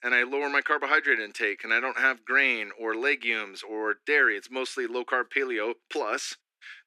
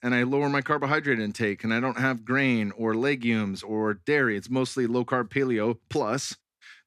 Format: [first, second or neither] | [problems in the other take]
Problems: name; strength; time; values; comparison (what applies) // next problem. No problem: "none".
second | thin; very; fading below 300 Hz